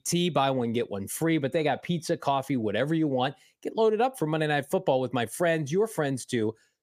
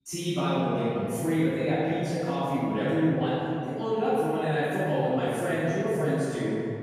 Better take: first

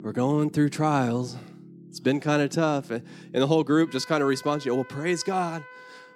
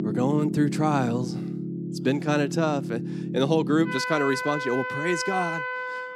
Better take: first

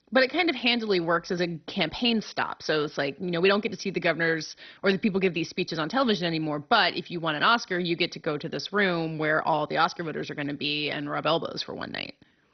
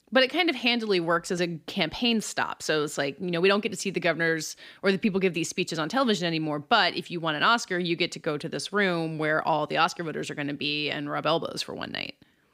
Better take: second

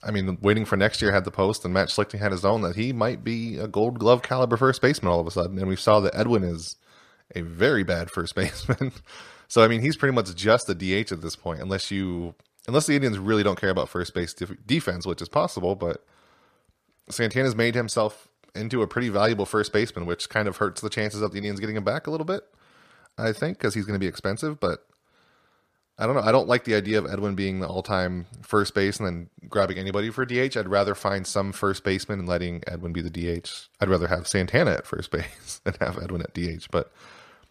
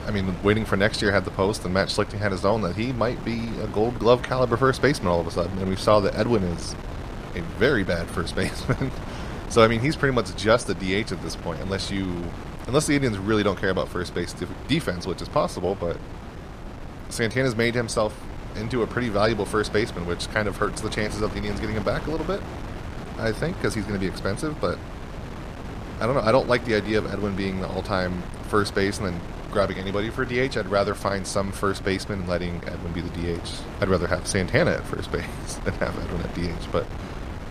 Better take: first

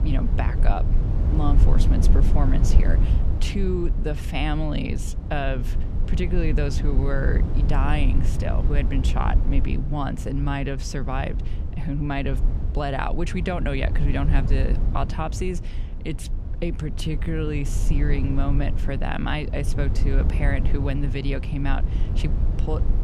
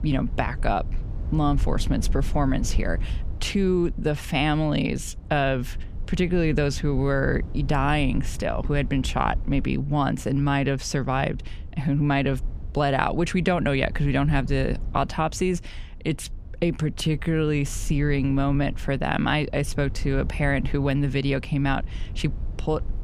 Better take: second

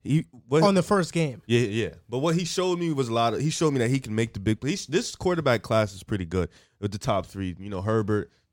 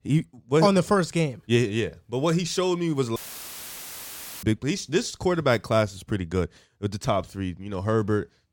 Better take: first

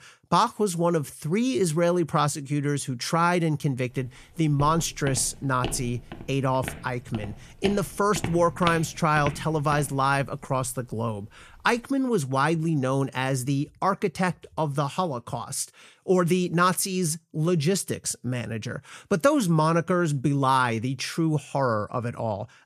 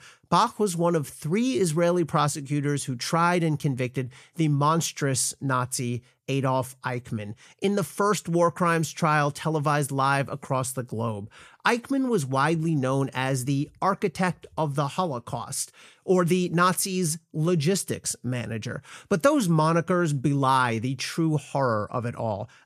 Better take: second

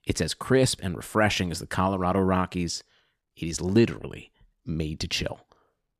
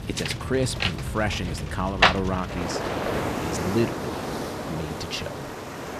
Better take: first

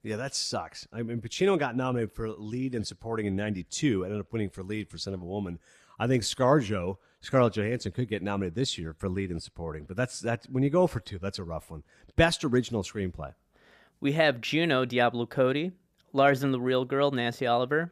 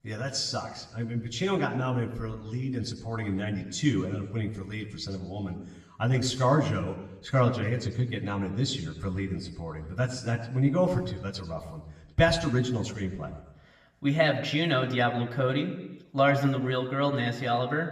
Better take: first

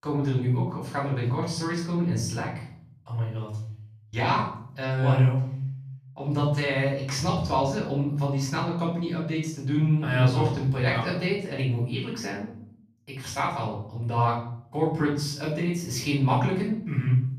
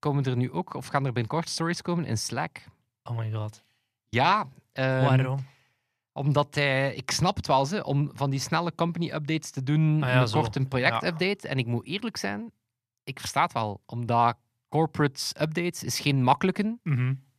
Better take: second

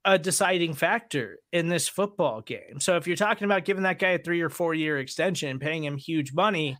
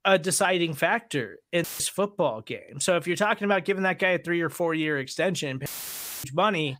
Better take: first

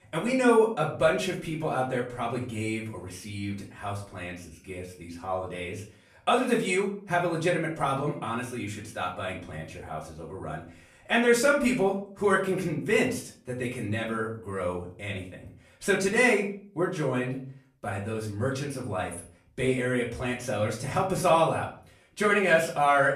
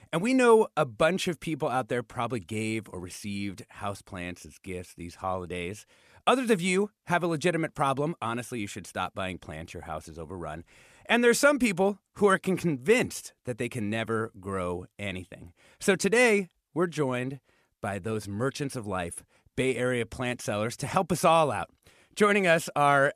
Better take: second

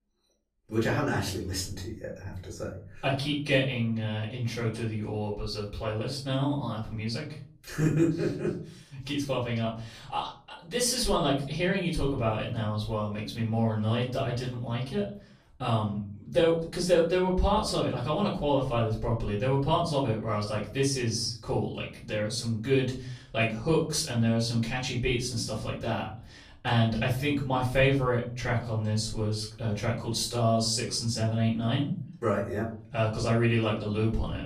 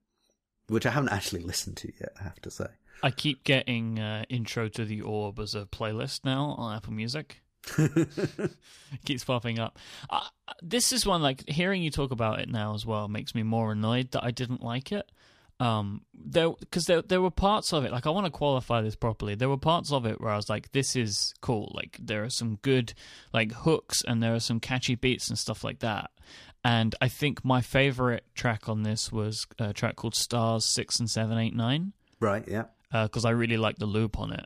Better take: second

